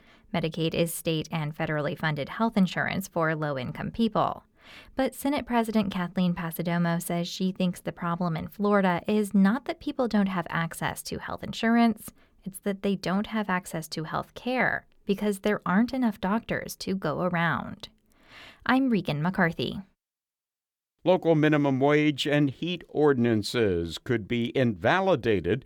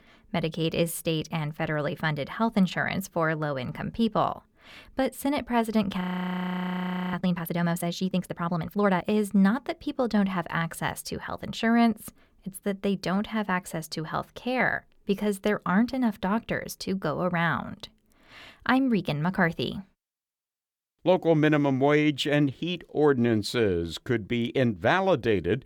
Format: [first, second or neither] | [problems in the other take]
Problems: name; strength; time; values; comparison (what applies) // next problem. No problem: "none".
first | audio freezing; at 6 s for 1 s